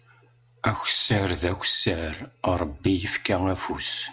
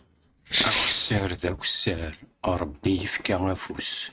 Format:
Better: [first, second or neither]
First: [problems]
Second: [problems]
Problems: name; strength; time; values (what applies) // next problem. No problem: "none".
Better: first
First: none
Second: noise reduction (neural mask model RNNoise)